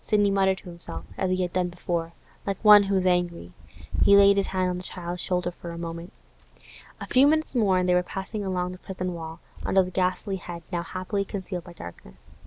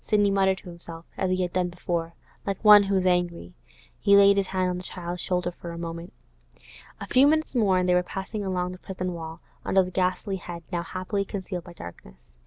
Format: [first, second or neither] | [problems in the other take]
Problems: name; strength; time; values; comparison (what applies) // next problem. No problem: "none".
second | background sound (Wind / Bird); 11 dB below the speech